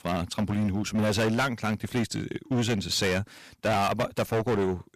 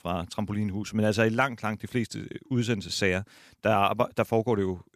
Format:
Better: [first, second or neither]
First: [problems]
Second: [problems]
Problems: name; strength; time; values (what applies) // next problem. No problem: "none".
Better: second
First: distortion; heavy; 17% of the sound clipped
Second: none